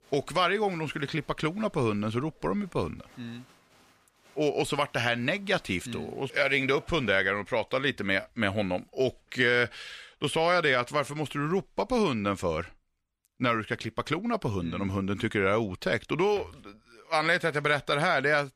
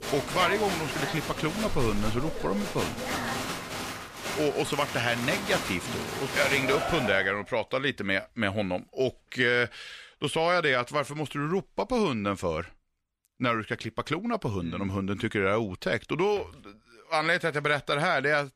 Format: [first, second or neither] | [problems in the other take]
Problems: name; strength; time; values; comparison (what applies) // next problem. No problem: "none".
first | crowd noise; loud; until 7 s; 5 dB below the speech; faint in the first